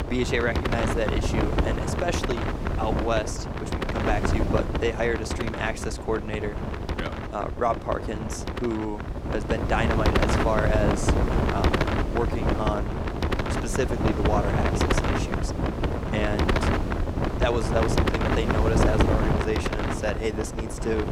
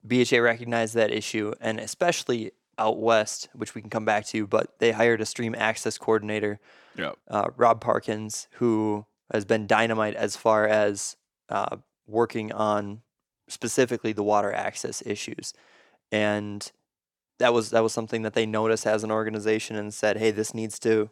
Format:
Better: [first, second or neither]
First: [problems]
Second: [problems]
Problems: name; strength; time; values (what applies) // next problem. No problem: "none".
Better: second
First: wind noise on the microphone; heavy; as loud as the speech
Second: none